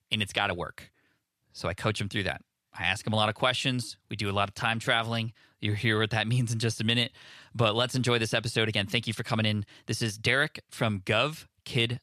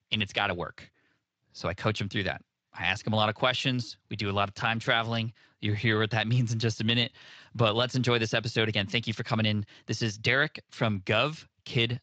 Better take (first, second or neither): first